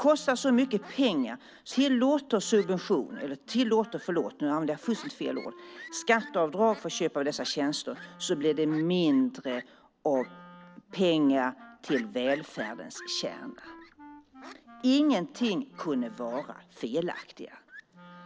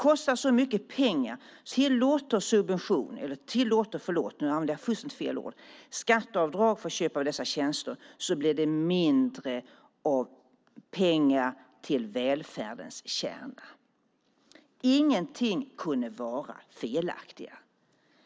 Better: second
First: background sound (Fowl + Wind instrument, woodwind instrument); 20 dB below the speech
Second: none

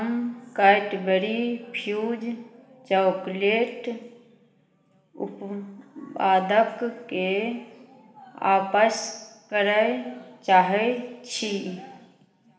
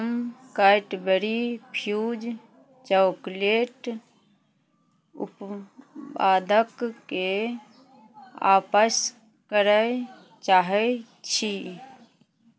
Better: second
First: room echo; dies away in 1.1 s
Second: none

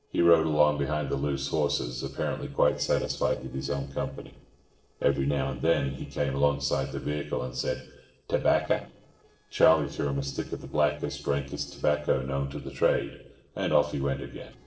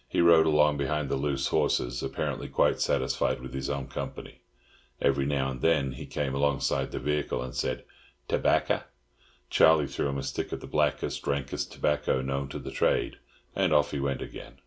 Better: second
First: noise reduction (neural separator model SepFormer DNS4)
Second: none

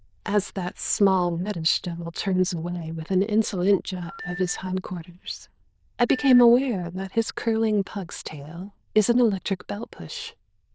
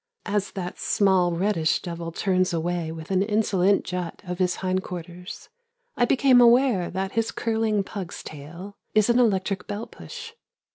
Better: second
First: noise reduction (neural diffusion model UNIVERSE++)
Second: none

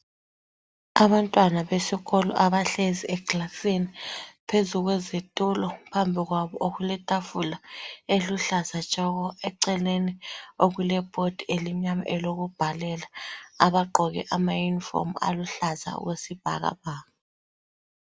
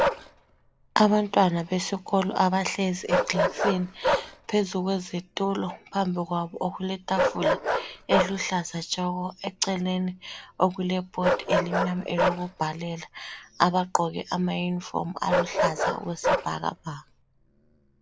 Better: first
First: none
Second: background sound (Bark); 3 dB below the speech

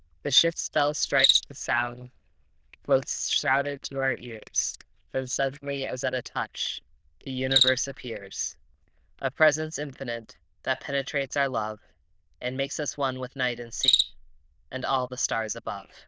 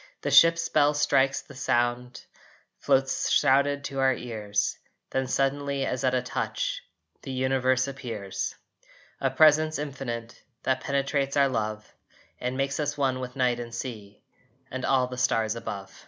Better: second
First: noise reduction (neural diffusion model UNIVERSE++)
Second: none

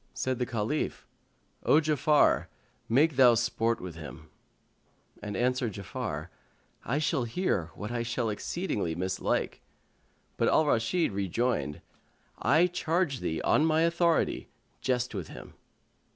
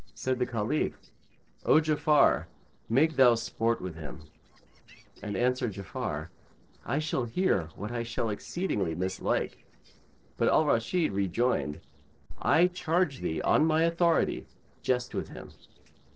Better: first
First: none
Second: noise reduction (neural separator model SepFormer DNS4)

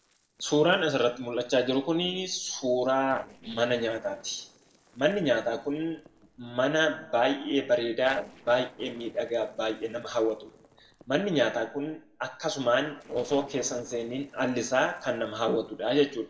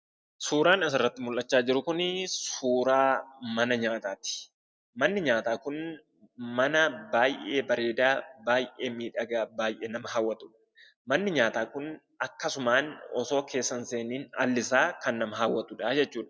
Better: second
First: noise reduction (neural separator model SepFormer DNS4)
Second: none

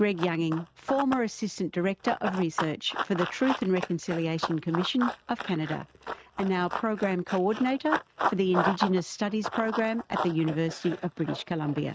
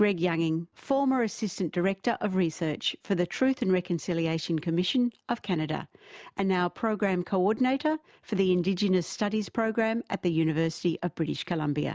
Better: second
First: noise reduction (neural mask model RNNoise)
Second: none

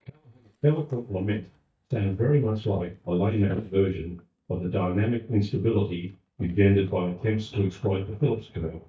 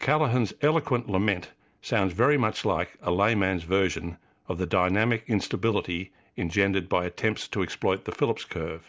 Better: second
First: noise reduction (neural mask model DeepFilterNet 3)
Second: none

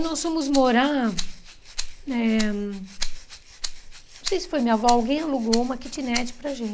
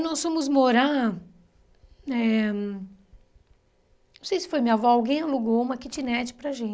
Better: second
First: background sound (Rattle (instrument)); 6 dB below the speech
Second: none

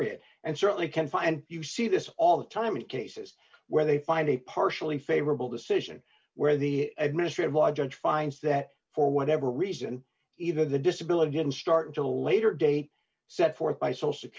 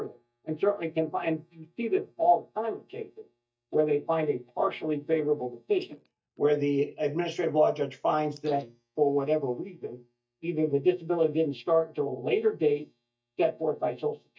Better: first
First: none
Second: noise reduction (neural mask model DeepFilterNet 3)

